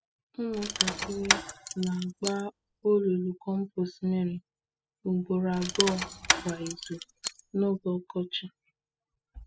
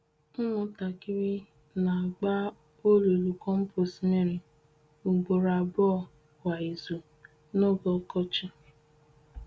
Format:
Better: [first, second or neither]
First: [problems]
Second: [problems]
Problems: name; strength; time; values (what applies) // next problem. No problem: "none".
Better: second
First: noise reduction (classical method spectral subtraction)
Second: none